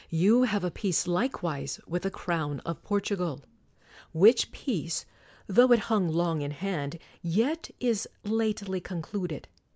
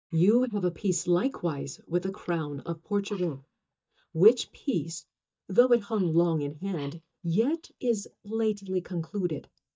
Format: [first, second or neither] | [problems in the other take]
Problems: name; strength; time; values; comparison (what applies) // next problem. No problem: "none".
first | noise reduction (neural mask model DeepFilterNet 3)